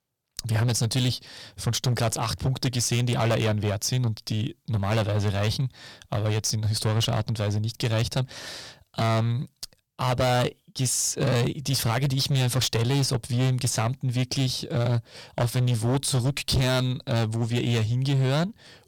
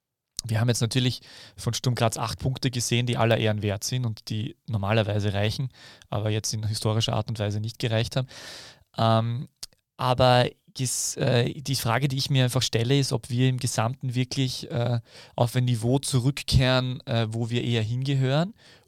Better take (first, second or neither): second